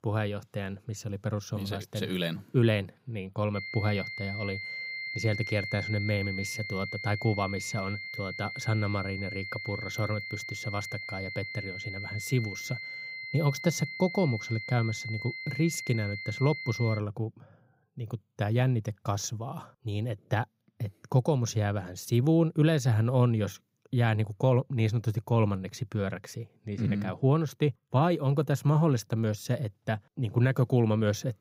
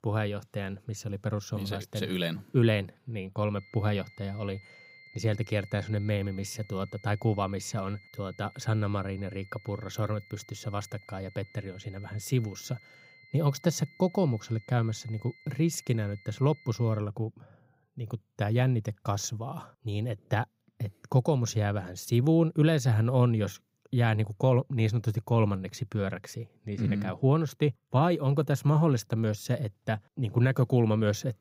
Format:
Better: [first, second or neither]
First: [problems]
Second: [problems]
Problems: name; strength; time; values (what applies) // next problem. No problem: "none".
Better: second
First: high-pitched whine; loud; from 3.5 to 17 s; 2 kHz, 7 dB below the speech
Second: high-pitched whine; faint; from 3.5 to 17 s; 2 kHz, 25 dB below the speech